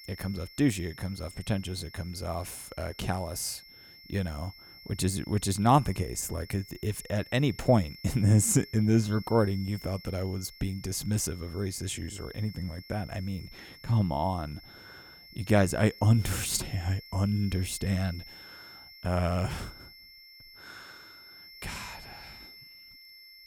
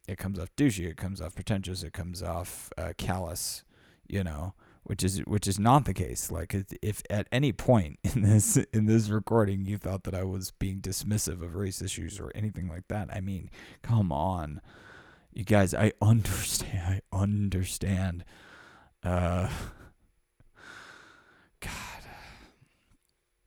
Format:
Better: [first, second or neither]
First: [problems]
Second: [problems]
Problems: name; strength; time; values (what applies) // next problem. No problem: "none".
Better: second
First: high-pitched whine; noticeable; throughout; 5.5 kHz, 20 dB below the speech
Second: none